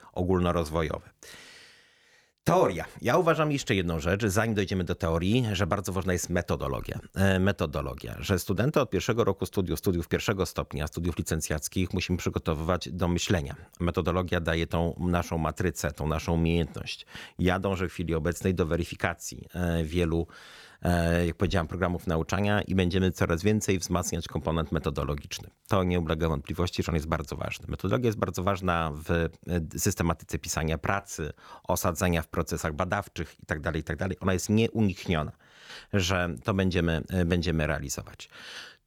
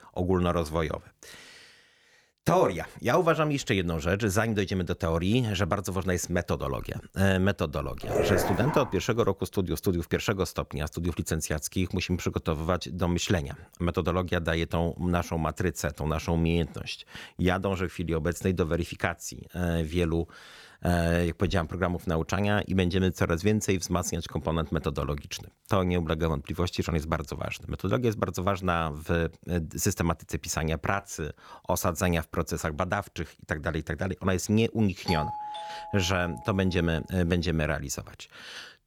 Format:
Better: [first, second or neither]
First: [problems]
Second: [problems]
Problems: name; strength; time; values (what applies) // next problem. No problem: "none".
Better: first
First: none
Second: dog barking; loud; from 8 to 9.5 s; peak 2 dB above the speech // doorbell; noticeable; from 35 to 37 s; peak 5 dB below the speech